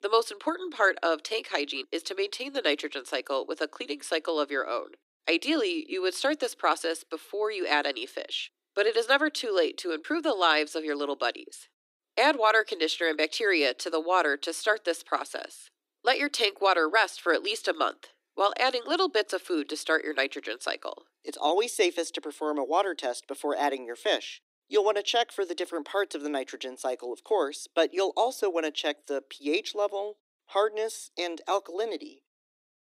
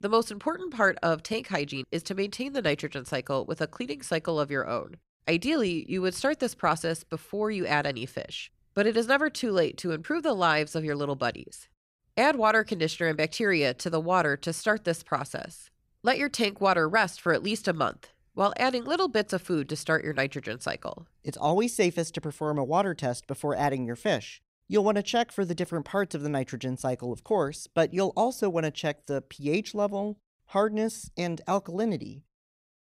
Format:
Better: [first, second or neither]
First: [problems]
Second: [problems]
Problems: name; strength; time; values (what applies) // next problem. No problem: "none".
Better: second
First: thin; somewhat; fading below 300 Hz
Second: none